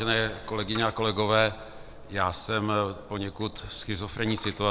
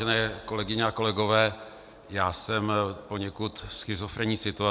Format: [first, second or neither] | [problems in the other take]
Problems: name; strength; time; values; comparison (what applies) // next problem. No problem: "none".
second | background sound (Coin (dropping)); 16 dB below the speech